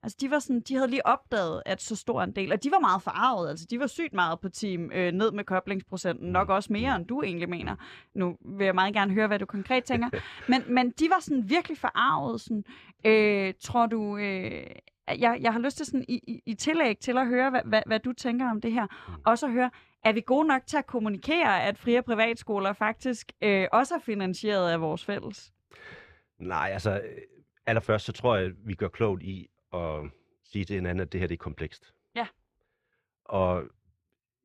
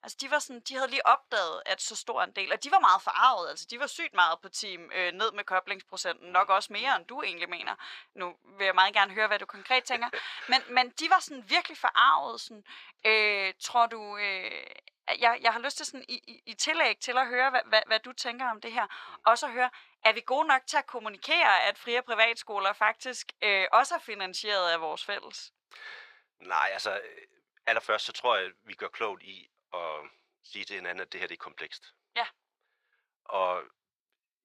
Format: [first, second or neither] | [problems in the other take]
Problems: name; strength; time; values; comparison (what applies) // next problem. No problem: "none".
first | thin; very; fading below 900 Hz